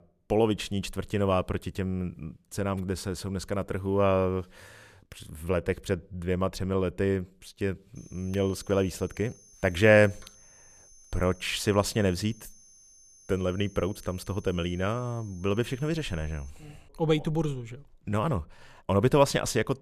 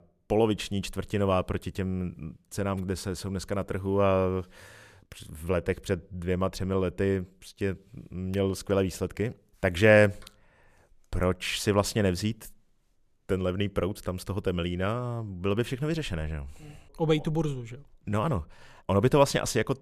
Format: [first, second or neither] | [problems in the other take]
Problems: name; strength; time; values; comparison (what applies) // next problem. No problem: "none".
second | high-pitched whine; faint; from 8 to 17 s; 6.5 kHz, 25 dB below the speech